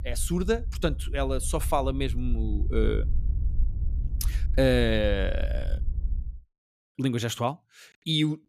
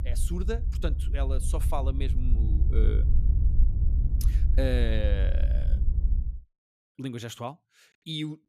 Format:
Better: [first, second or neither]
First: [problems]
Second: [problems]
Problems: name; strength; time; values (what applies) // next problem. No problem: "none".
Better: first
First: low rumble; faint; until 6.5 s; 20 dB below the speech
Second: low rumble; loud; until 6.5 s; 9 dB below the speech